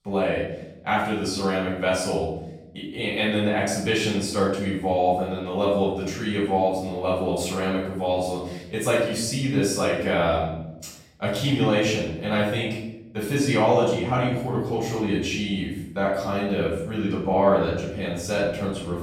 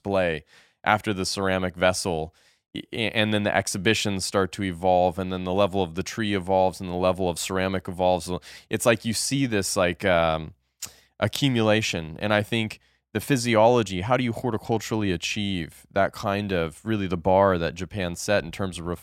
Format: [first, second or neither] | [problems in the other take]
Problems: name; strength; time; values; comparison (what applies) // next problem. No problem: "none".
second | room echo; noticeable; dies away in 0.8 s // off-mic speech; far